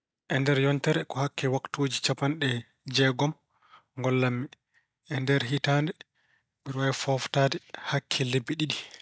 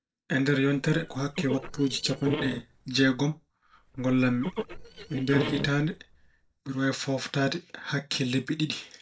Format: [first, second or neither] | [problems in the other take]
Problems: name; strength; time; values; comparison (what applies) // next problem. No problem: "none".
first | noise reduction (neural separator model SepFormer DNS4)